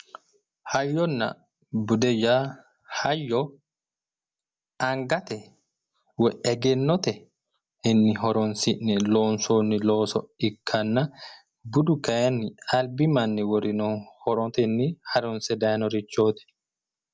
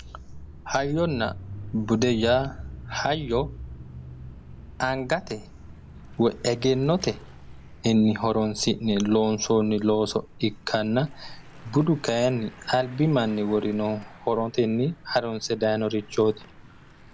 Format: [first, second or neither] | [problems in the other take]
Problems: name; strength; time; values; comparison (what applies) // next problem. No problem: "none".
first | background sound (Mechanisms / Bicycle); 16 dB below the speech